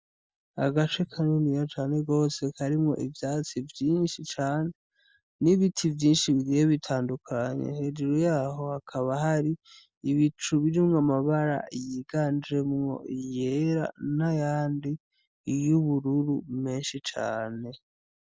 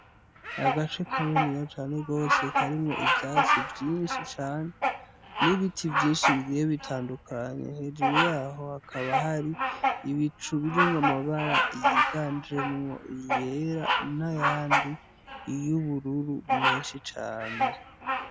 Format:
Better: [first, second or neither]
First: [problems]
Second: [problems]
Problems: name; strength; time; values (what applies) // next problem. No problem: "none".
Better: first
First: none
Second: background sound (Bird vocalization, bird call, bird song); 1 dB above the speech